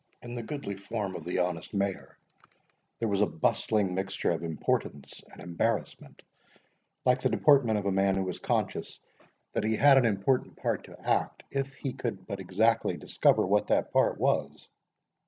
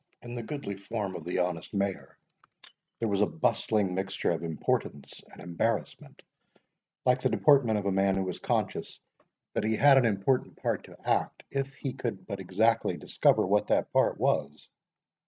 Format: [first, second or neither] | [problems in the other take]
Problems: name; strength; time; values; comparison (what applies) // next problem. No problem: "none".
first | noise reduction (neural mask model RNNoise)